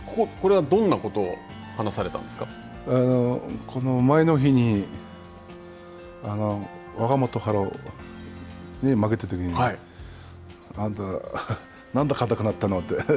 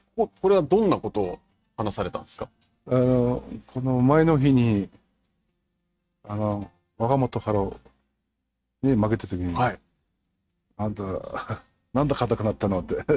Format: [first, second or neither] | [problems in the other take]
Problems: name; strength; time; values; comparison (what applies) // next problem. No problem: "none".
first | noise reduction (neural mask model RNNoise)